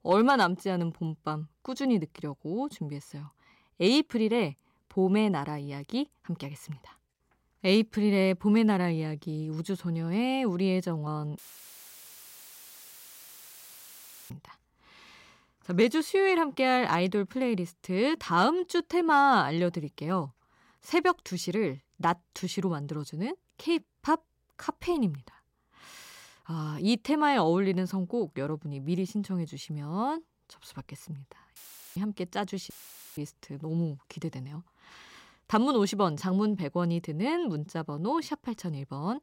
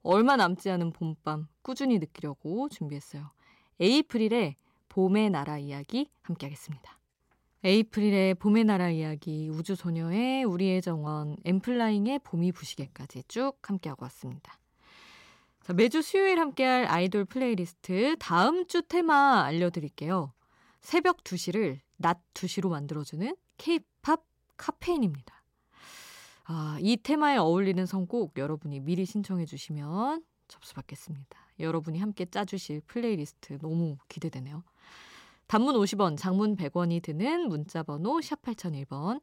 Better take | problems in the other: second | audio cutting out; filled with static; at 11 s for 3 s, at 32 s and at 33 s

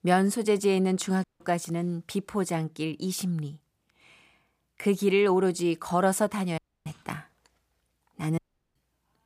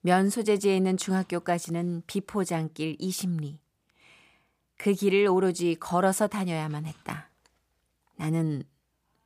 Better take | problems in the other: second | audio cutting out; at 1 s, at 6.5 s and at 8.5 s

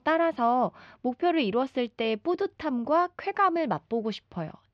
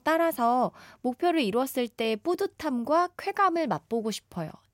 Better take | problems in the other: second | muffled; very slightly; fading above 4 kHz

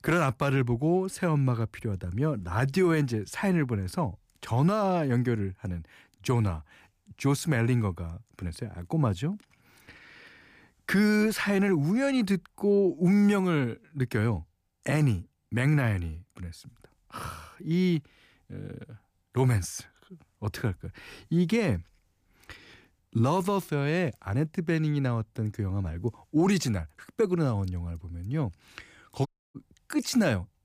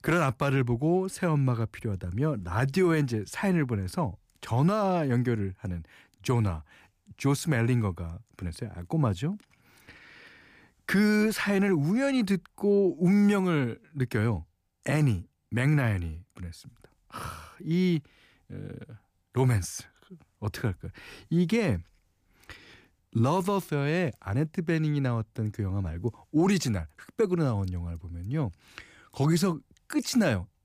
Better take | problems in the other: second | audio cutting out; at 29 s

